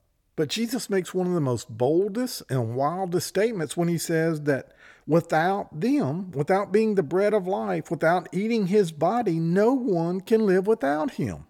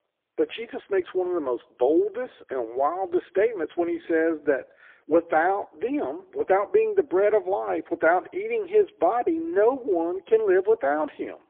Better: first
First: none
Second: phone-call audio; poor line; nothing above 3.5 kHz

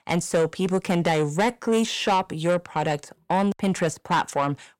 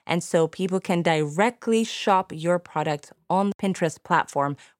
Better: second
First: distortion; slight; 10 dB below the speech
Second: none

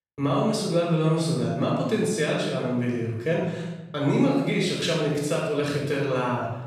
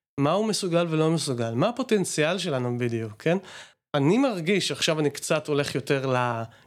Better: second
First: off-mic speech; far // room echo; strong; dies away in 1.1 s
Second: none

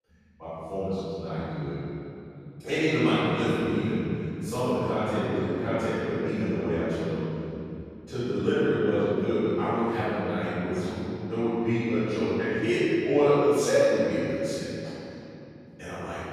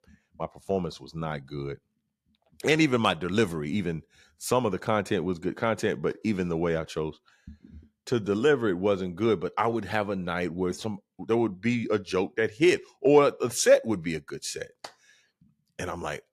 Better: second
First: room echo; strong; dies away in 3 s // off-mic speech; far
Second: none

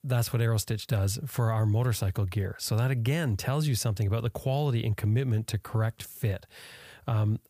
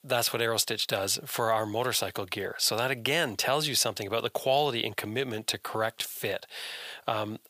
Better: first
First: none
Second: thin; very; fading below 400 Hz

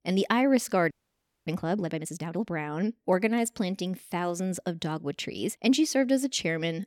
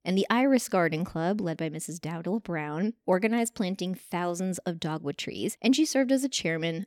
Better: second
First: audio freezing; at 1 s for 0.5 s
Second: none

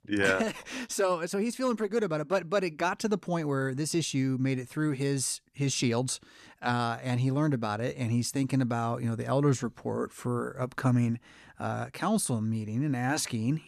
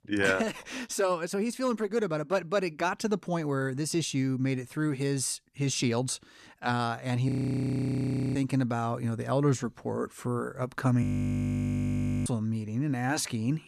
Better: first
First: none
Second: audio freezing; at 7.5 s for 1 s and at 11 s for 1 s

